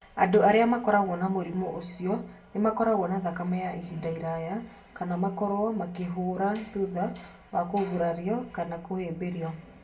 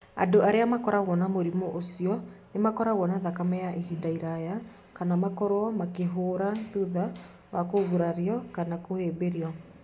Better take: second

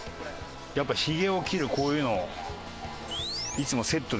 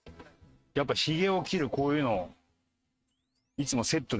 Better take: first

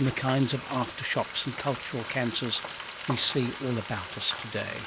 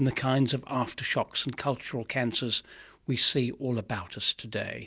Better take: second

